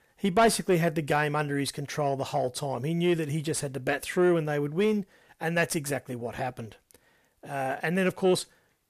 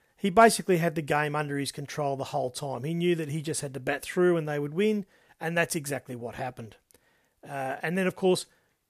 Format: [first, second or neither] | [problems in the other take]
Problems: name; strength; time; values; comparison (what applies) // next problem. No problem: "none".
second | distortion; slight; 10 dB below the speech